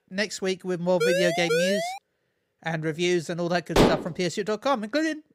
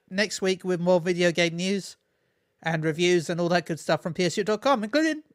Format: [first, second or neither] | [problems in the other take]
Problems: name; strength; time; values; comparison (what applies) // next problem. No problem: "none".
second | siren; loud; at 1 s; peak 3 dB above the speech // clattering dishes; loud; at 4 s; peak 6 dB above the speech